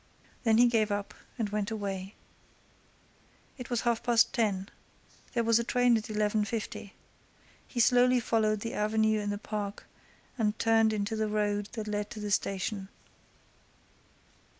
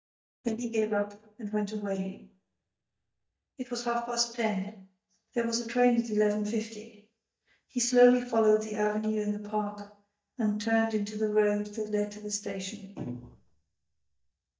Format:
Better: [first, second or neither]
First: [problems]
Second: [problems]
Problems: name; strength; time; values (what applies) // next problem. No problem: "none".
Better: first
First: none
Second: noise reduction (neural mask model DeepFilterNet 3)